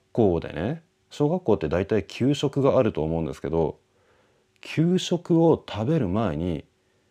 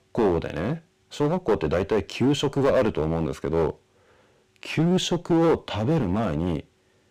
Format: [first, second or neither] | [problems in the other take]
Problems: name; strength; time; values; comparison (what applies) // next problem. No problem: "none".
first | distortion; heavy; 7% of the sound clipped